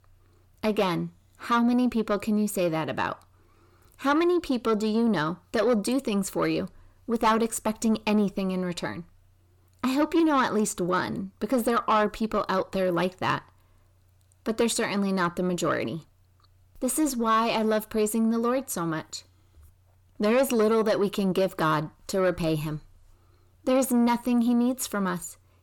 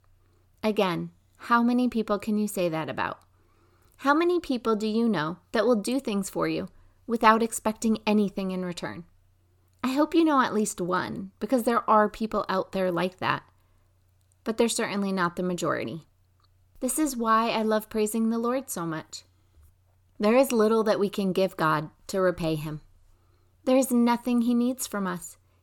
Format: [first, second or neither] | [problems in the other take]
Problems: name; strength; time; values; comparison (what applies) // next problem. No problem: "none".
second | distortion; slight; 10 dB below the speech